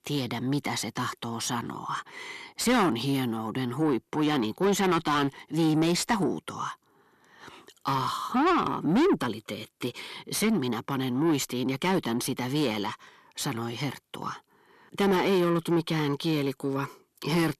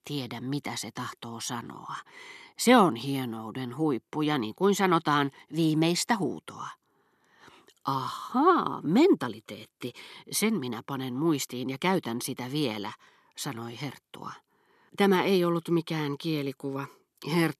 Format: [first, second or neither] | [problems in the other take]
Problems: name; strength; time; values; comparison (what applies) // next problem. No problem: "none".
second | distortion; heavy; 7 dB below the speech